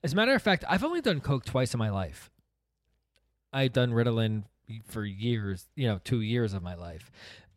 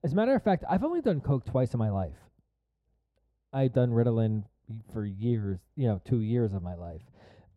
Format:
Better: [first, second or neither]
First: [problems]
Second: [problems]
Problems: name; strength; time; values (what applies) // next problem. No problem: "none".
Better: first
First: none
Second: muffled; very; fading above 1 kHz